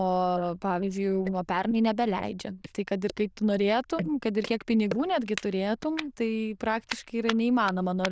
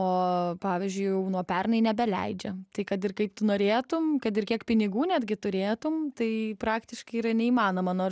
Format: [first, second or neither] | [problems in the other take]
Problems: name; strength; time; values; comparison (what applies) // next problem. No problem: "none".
second | noise reduction (neural diffusion model UNIVERSE++)